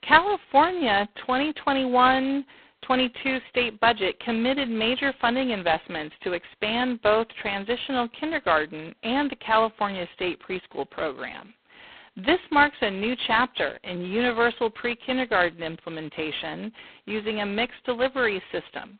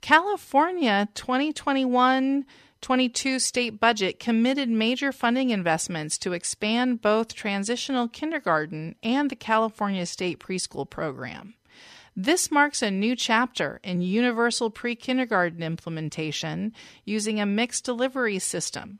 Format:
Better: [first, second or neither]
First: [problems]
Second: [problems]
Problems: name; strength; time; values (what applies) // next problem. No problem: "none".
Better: second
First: phone-call audio; poor line; nothing above 4 kHz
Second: none